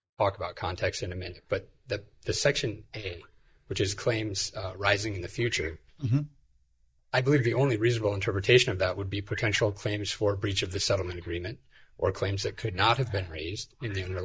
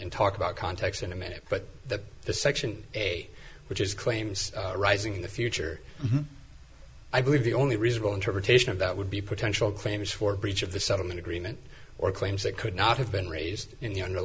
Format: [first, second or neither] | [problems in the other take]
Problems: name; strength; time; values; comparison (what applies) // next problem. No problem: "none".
second | noise reduction (neural mask model DeepFilterNet 3)